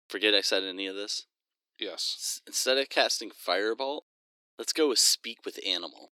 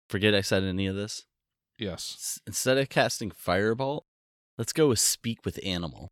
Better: second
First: thin; somewhat; fading below 300 Hz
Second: none

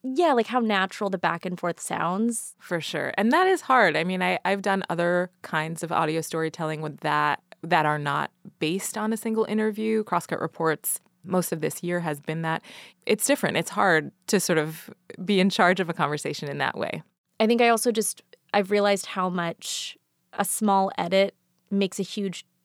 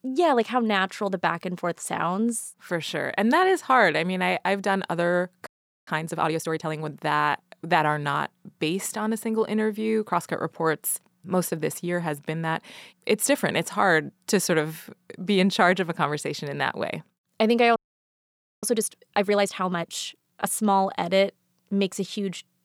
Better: first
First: none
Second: audio freezing; at 5.5 s and at 18 s for 1 s

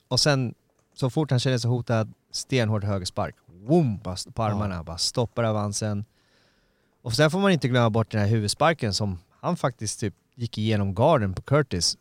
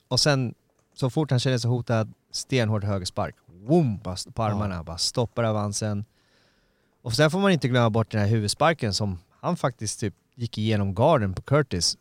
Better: neither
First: none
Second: none

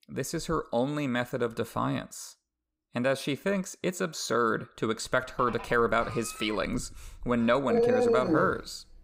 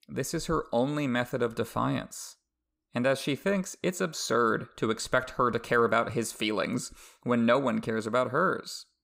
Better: second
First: animal sounds; very loud; from 5.5 s on; 2 dB above the speech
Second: none

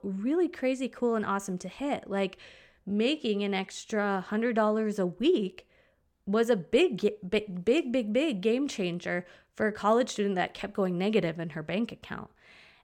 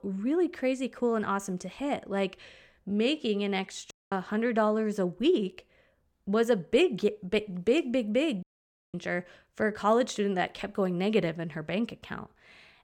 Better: first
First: none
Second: audio cutting out; at 4 s and at 8.5 s for 0.5 s

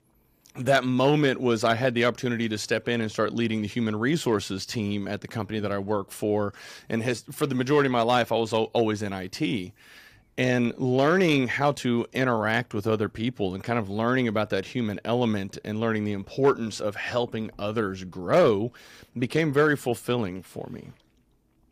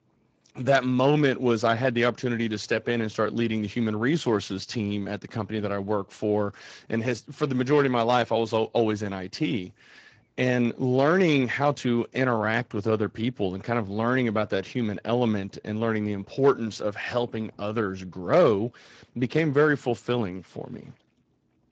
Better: first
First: none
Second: garbled, watery; slightly; nothing above 7.5 kHz

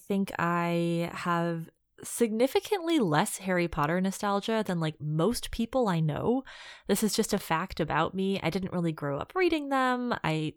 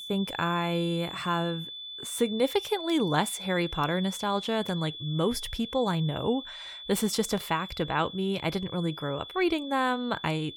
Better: first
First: none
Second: high-pitched whine; loud; throughout; 3.5 kHz, 10 dB below the speech

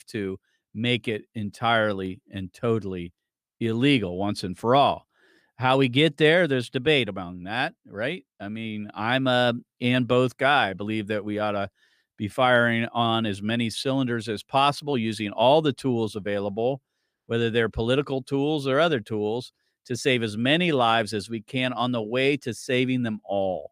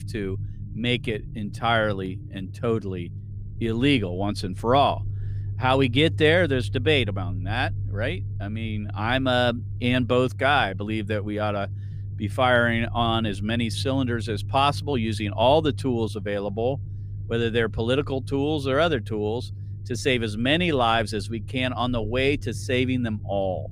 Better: first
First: none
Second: low rumble; faint; throughout; 25 dB below the speech

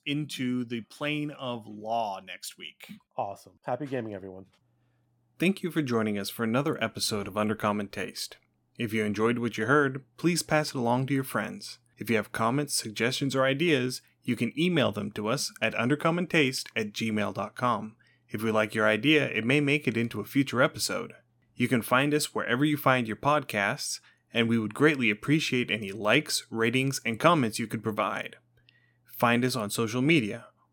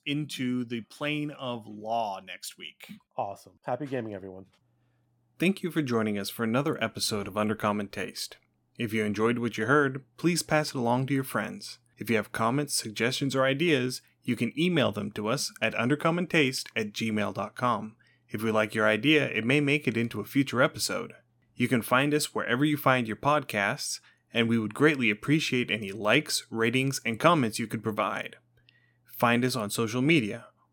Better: neither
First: none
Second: none

